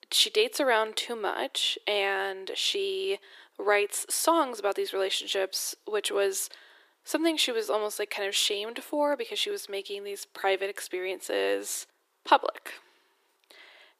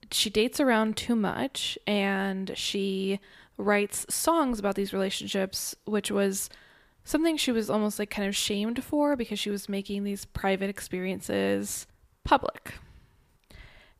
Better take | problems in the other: second | thin; very; fading below 350 Hz

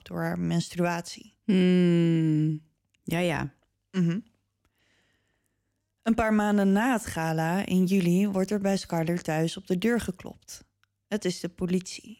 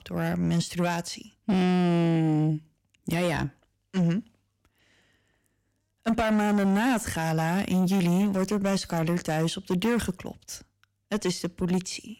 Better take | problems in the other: first | distortion; slight; 10 dB below the speech

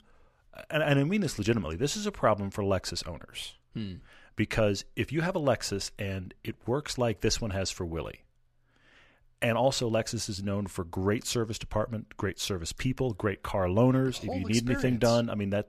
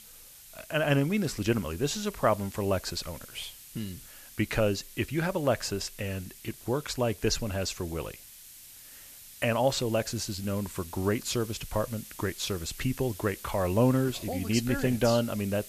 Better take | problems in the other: first | hiss; noticeable; throughout; 15 dB below the speech

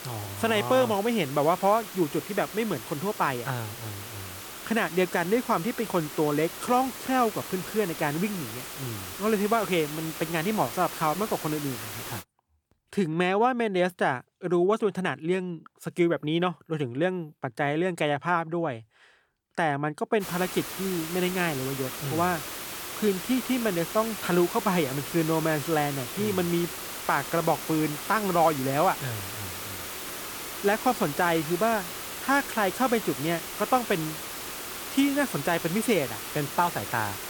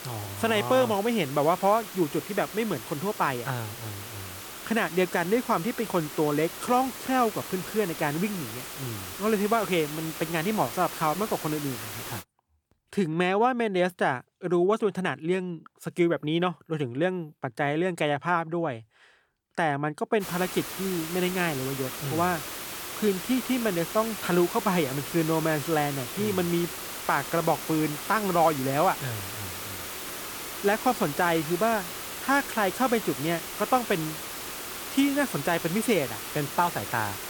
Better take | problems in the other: neither | hiss; loud; until 12 s and from 20 s on; 8 dB below the speech; the same in both

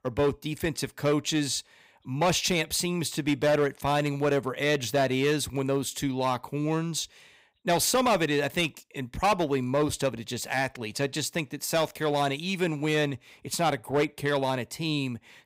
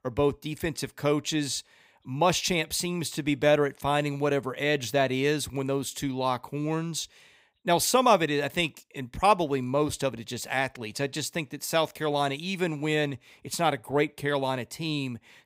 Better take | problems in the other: second | distortion; slight; 5% of the sound clipped

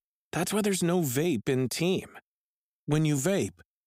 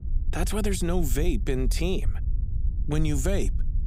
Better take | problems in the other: first | low rumble; noticeable; throughout; 15 dB below the speech

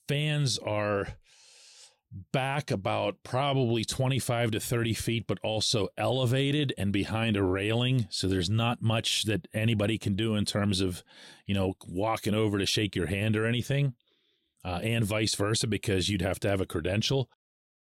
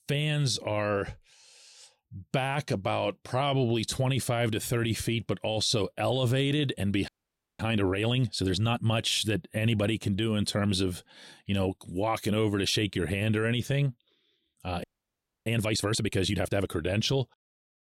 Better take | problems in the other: first | audio freezing; at 7 s for 0.5 s and at 15 s for 0.5 s

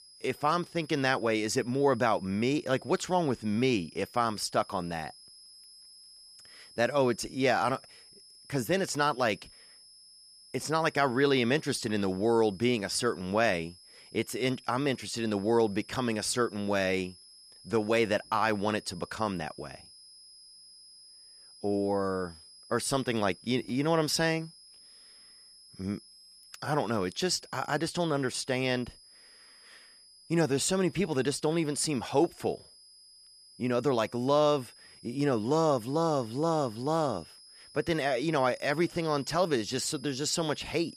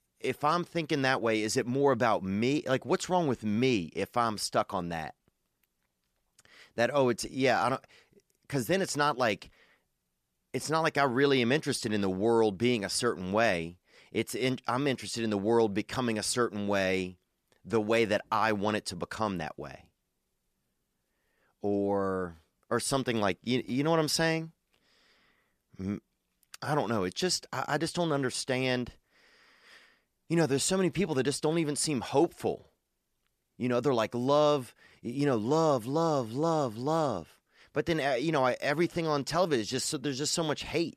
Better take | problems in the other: second | high-pitched whine; faint; throughout; 5 kHz, 20 dB below the speech

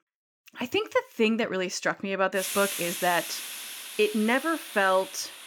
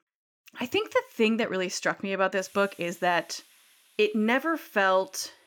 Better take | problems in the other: second | hiss; loud; from 2.5 s on; 8 dB below the speech; faint in the second

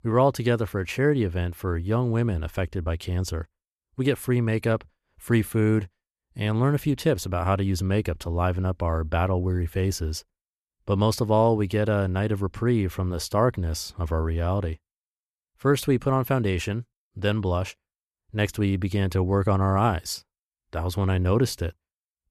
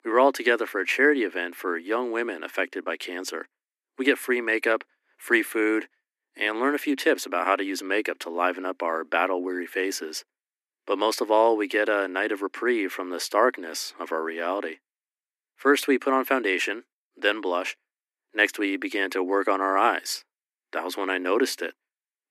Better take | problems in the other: first | thin; somewhat; fading below 250 Hz

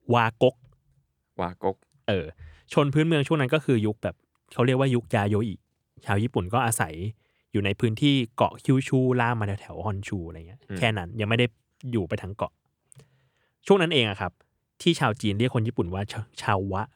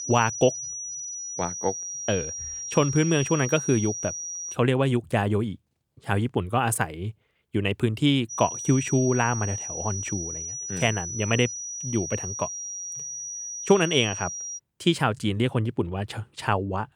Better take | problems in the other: first | high-pitched whine; loud; until 4.5 s and from 8.5 to 15 s; 6 kHz, 6 dB below the speech

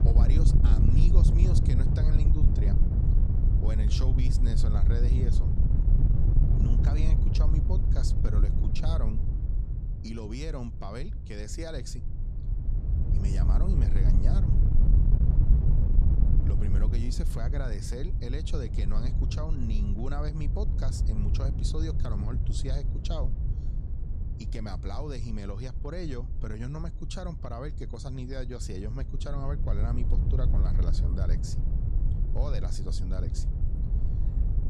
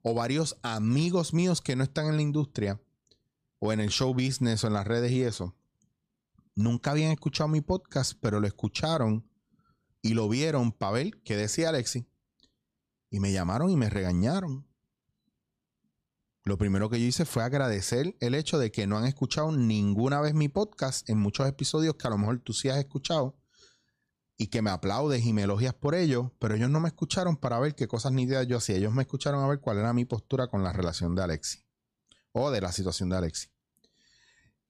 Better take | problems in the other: second | wind noise on the microphone; heavy; 1 dB below the speech

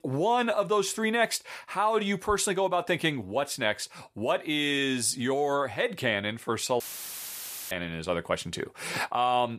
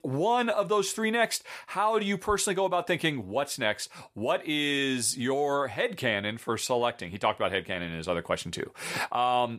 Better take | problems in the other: second | audio cutting out; filled with static; at 7 s for 1 s

